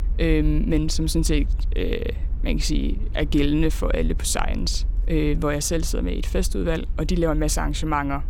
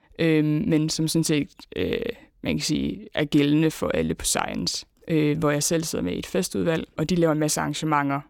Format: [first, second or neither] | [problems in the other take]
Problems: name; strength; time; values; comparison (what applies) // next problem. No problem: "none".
second | low rumble; faint; throughout; 20 dB below the speech